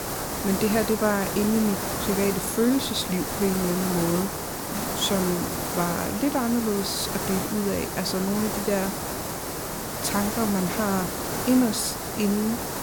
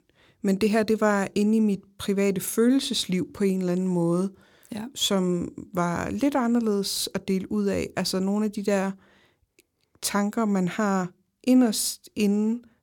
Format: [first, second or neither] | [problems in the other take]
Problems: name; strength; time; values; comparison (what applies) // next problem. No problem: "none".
second | hiss; loud; throughout; 3 dB below the speech